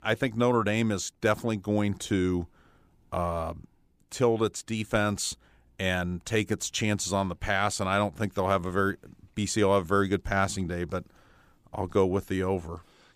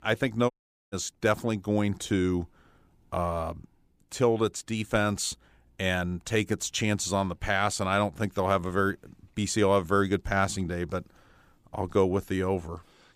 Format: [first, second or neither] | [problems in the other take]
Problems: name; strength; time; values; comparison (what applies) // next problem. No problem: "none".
first | audio cutting out; at 0.5 s